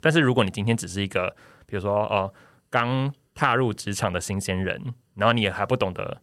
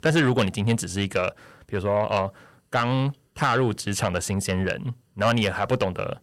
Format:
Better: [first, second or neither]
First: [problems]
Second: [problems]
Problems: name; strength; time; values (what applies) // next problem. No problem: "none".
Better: first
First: none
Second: distortion; slight; 10 dB below the speech